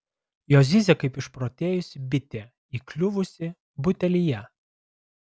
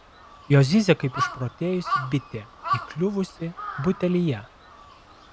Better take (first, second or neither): first